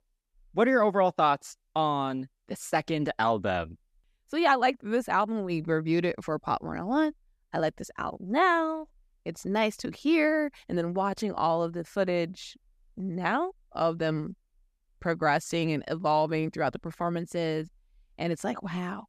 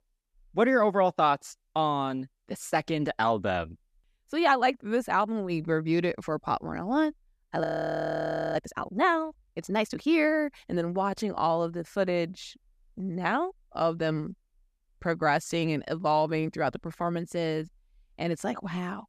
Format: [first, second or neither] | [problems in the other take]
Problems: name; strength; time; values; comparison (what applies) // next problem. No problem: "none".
first | audio freezing; at 7.5 s for 1 s